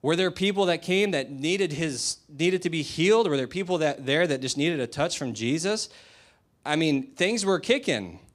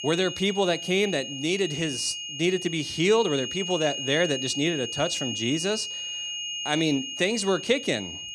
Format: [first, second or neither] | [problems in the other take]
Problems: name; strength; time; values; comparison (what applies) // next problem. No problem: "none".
first | high-pitched whine; loud; throughout; 3 kHz, 6 dB below the speech